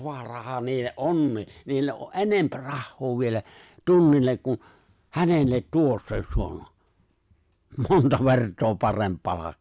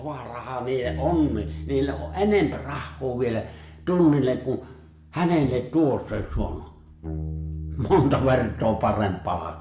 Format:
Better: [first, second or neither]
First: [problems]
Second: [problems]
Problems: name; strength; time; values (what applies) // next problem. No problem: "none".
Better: first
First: none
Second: background sound (Bass guitar); 12 dB below the speech // room echo; dies away in 0.6 s